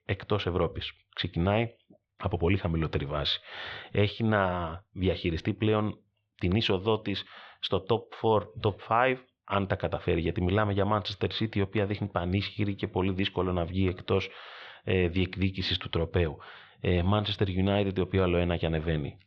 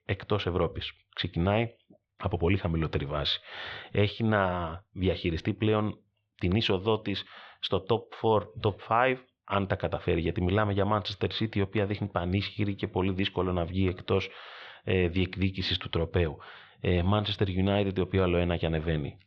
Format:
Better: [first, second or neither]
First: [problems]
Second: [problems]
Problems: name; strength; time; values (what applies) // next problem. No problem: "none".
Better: neither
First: muffled; slightly; fading above 4 kHz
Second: muffled; slightly; fading above 4 kHz